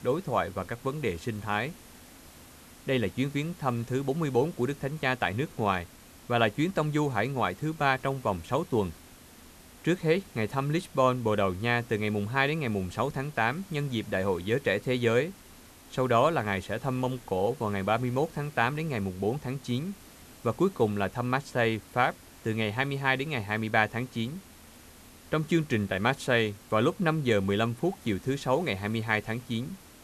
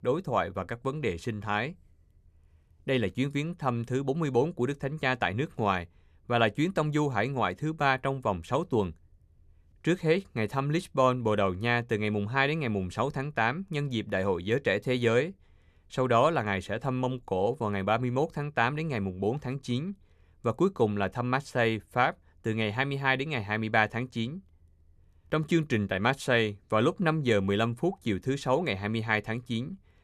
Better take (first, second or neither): second